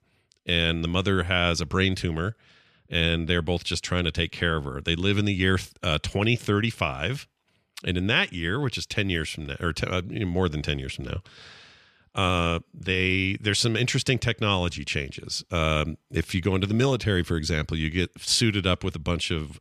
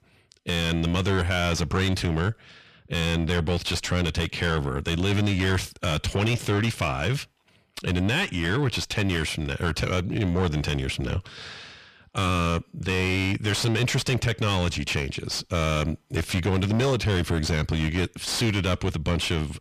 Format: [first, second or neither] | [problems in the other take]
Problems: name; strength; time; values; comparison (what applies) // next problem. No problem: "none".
first | distortion; heavy; 6 dB below the speech